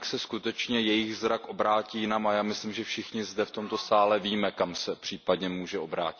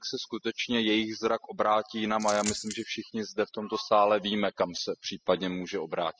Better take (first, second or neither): first